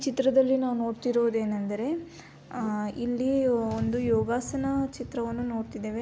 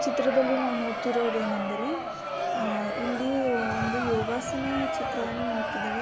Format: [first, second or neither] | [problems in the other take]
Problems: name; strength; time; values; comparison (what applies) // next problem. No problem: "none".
first | background sound (Crowd); 1 dB below the speech